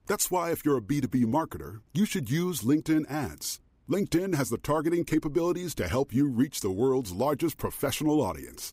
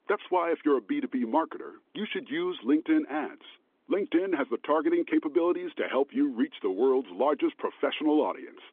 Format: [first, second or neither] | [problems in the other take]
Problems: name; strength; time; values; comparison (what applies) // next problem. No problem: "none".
first | phone-call audio; nothing above 3.5 kHz